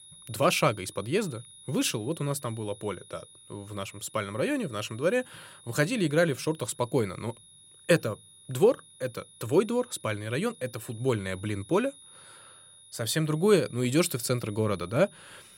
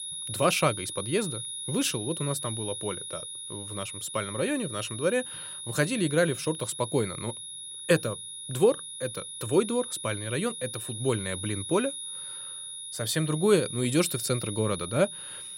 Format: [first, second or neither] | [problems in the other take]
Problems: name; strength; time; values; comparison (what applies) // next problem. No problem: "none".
first | high-pitched whine; loud; throughout; 10.5 kHz, 7 dB below the speech; faint in the first